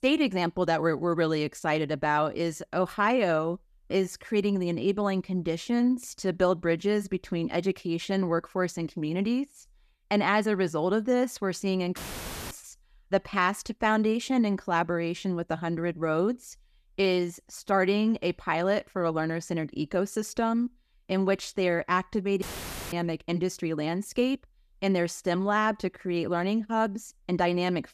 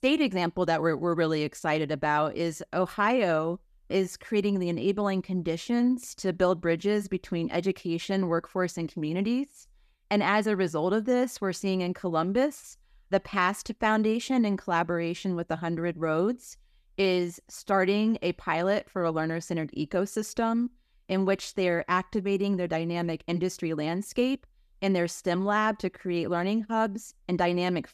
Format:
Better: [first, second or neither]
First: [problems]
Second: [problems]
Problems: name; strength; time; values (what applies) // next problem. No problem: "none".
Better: second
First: audio cutting out; filled with static; at 12 s for 0.5 s and at 22 s for 0.5 s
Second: none